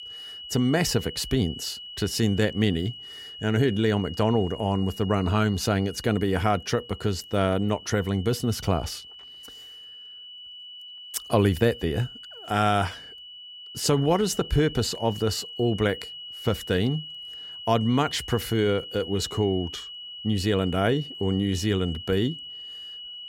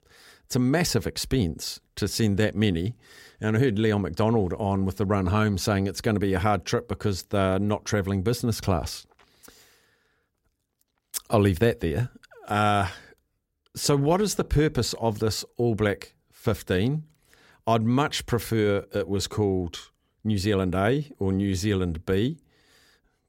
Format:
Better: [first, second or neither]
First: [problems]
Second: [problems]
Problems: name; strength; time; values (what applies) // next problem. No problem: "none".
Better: second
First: high-pitched whine; noticeable; throughout; 3 kHz, 15 dB below the speech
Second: none